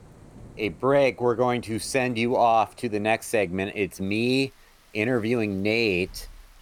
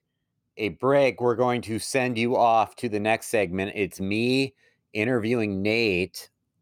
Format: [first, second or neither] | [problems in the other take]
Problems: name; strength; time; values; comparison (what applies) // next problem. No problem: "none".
second | rain or running water; faint; throughout; 30 dB below the speech